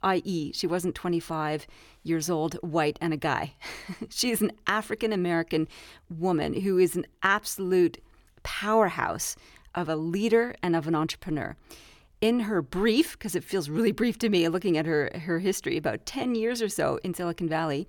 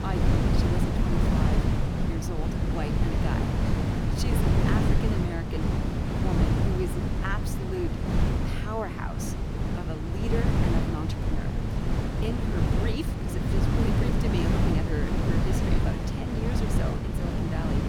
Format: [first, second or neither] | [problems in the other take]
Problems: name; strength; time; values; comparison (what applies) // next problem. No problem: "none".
first | wind noise on the microphone; heavy; 4 dB above the speech